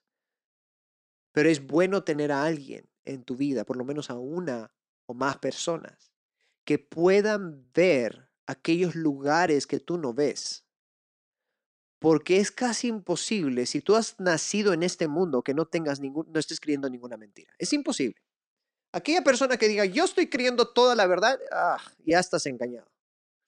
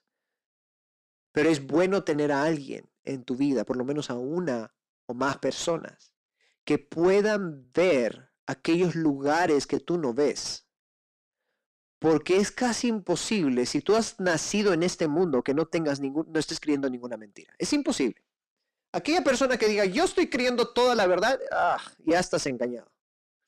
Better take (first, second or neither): first